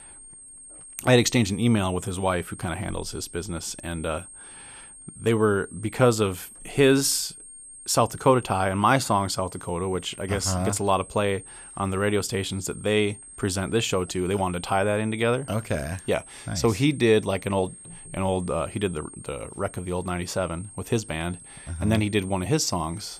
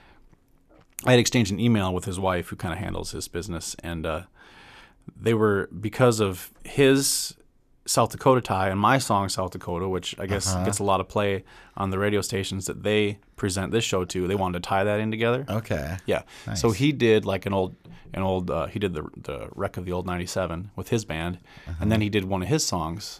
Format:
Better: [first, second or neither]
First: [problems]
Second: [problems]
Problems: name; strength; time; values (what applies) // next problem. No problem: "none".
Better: second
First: high-pitched whine; noticeable; throughout; 8.5 kHz, 15 dB below the speech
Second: none